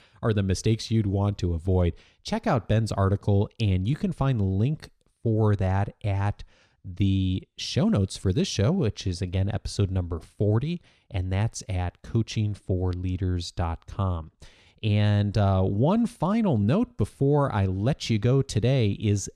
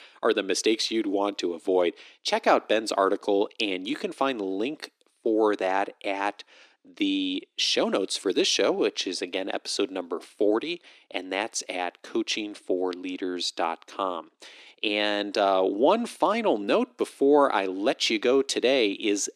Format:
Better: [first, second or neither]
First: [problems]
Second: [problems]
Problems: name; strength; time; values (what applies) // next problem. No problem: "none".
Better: first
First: none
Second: thin; very; fading below 300 Hz